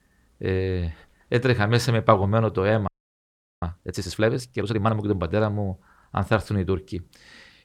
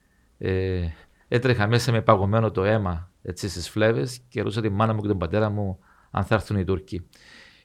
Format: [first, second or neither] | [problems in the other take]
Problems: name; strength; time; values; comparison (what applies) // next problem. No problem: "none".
second | audio freezing; at 3 s for 0.5 s